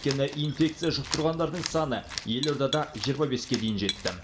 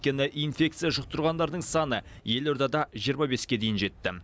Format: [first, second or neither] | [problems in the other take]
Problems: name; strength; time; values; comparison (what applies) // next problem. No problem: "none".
second | background sound (Cat); 10 dB below the speech // room echo; dies away in 0.6 s